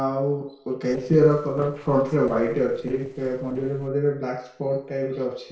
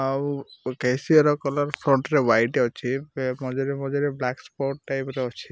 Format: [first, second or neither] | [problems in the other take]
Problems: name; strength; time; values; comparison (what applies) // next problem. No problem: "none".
second | noise reduction (neural separator model SepFormer DNS4)